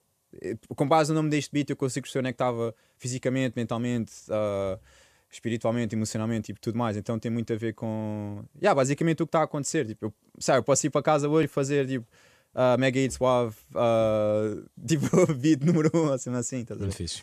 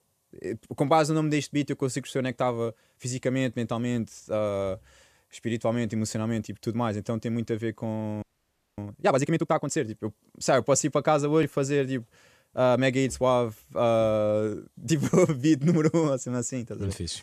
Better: first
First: none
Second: audio freezing; at 8 s for 0.5 s

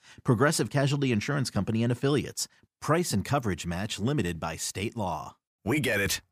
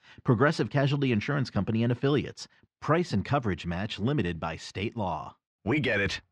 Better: first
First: none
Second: muffled; slightly; fading above 4 kHz

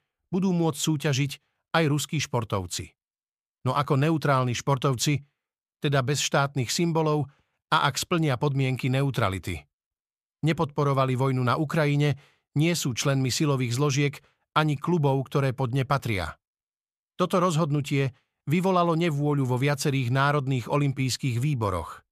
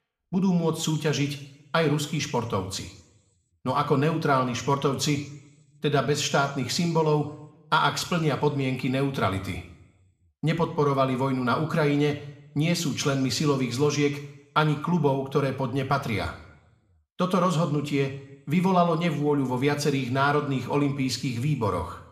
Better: first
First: none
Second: room echo; slight; dies away in 0.7 s

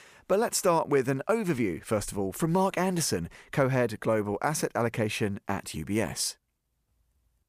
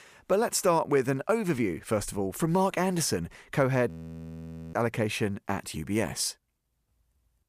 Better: first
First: none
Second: audio freezing; at 4 s for 1 s

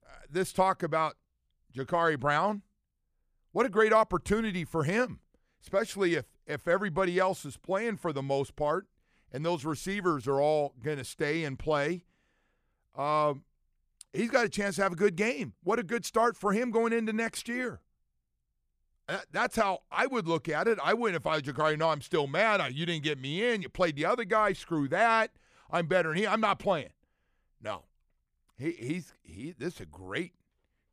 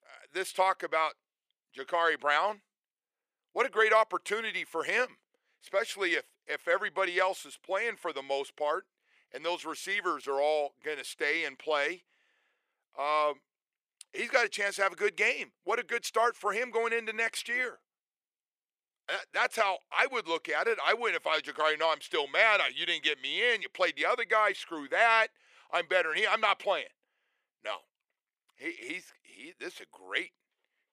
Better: first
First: none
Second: thin; very; fading below 400 Hz

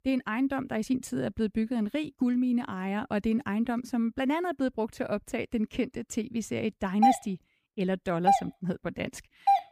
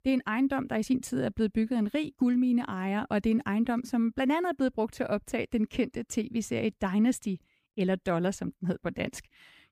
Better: second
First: doorbell; loud; from 7 s on; peak 5 dB above the speech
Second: none

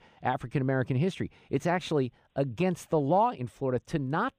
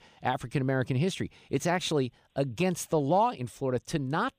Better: second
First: muffled; slightly; fading above 3 kHz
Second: none

